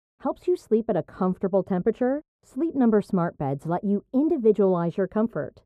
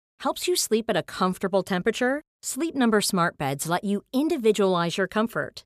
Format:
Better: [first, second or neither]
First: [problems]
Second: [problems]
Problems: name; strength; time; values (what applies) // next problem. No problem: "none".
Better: second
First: muffled; very; fading above 1.5 kHz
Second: none